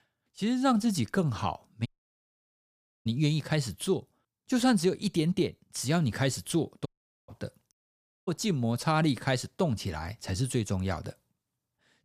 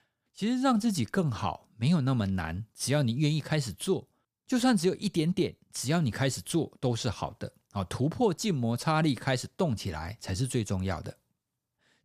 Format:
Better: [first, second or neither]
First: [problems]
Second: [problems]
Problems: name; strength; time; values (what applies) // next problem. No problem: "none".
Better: second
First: audio cutting out; at 2 s for 1 s, at 7 s and at 7.5 s for 0.5 s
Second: none